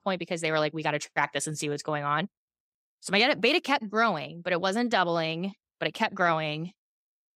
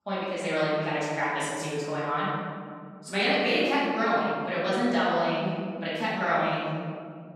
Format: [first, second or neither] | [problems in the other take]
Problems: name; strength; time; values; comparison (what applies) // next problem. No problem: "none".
first | off-mic speech; far // room echo; strong; dies away in 1.9 s